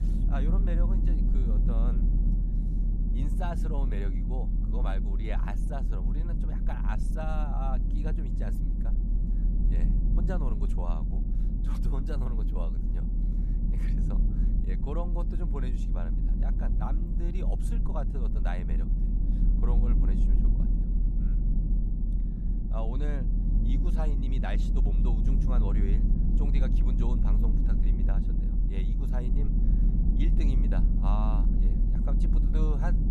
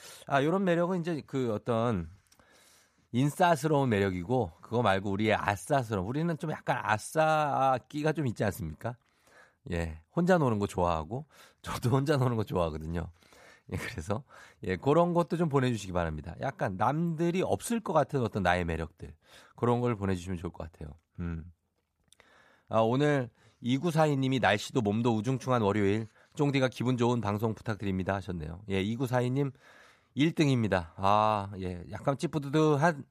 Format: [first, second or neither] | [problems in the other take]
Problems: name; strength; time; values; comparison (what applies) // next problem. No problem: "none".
second | low rumble; loud; throughout; 2 dB below the speech